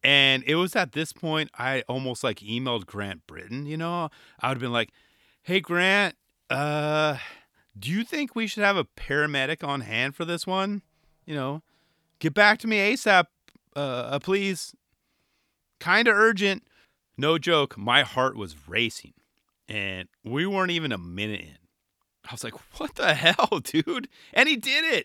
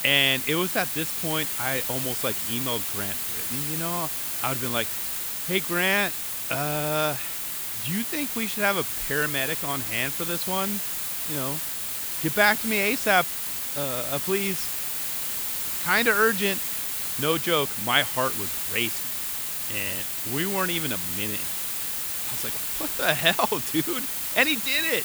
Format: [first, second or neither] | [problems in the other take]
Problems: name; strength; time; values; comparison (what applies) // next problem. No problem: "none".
first | hiss; loud; throughout; 1 dB below the speech